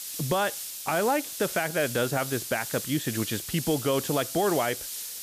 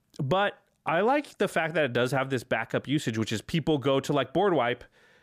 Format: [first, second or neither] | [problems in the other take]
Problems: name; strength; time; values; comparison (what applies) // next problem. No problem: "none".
second | hiss; loud; throughout; 6 dB below the speech